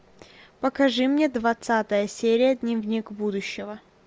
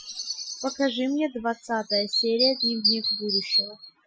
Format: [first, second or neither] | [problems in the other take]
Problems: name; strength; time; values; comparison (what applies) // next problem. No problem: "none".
first | noise reduction (classical method Wiener filter)